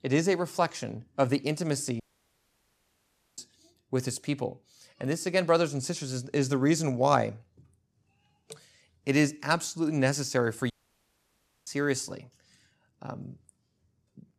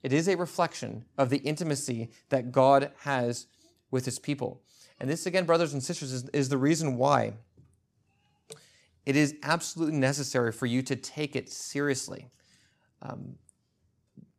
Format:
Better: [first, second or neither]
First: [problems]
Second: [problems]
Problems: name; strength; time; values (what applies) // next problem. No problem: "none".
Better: second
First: audio cutting out; at 2 s for 1.5 s and at 11 s for 1 s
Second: none